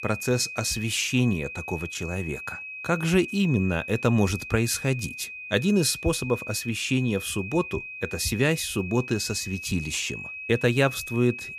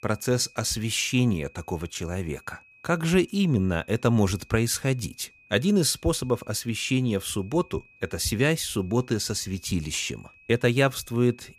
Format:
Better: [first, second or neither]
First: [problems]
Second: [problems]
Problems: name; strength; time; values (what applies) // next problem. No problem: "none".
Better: second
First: high-pitched whine; loud; throughout; 2.5 kHz, 9 dB below the speech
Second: high-pitched whine; faint; throughout; 2.5 kHz, 25 dB below the speech